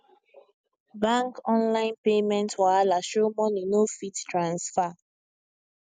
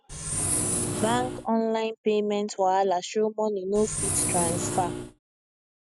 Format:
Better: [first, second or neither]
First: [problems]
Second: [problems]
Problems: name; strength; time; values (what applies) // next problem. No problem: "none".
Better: first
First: none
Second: background sound (Engine); 1 dB below the speech